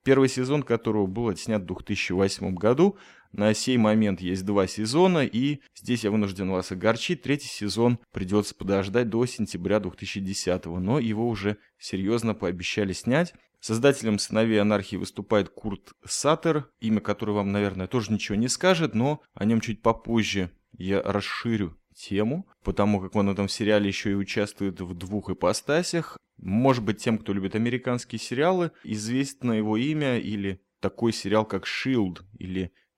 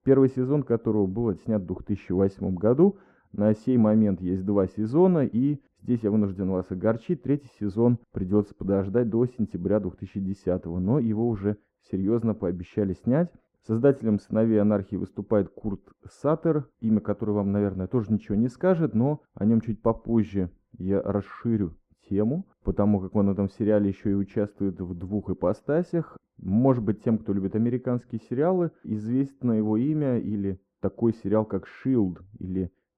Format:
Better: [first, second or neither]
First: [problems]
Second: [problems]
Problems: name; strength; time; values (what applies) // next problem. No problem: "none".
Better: first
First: none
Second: muffled; very; fading above 1 kHz